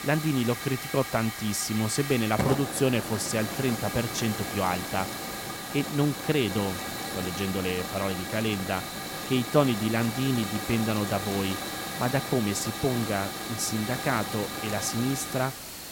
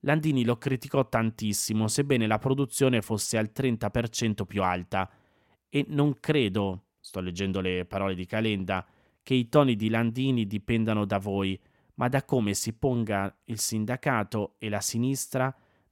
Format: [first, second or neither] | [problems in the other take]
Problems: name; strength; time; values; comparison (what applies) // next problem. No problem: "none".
second | hiss; loud; throughout; 5 dB below the speech